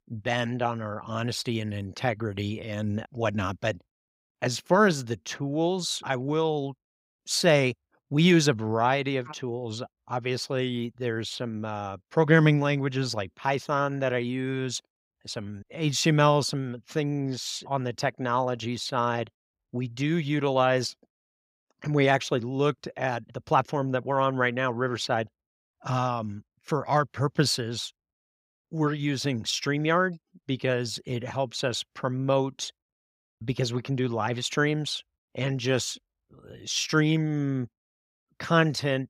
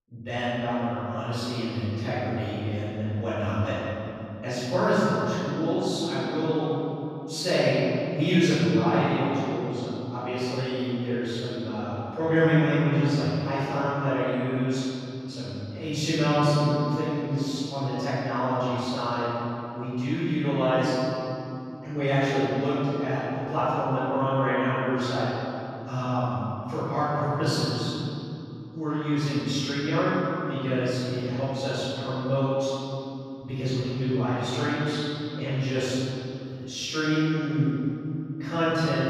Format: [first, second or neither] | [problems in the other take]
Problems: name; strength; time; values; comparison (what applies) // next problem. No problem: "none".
first | off-mic speech; far // room echo; strong; dies away in 3 s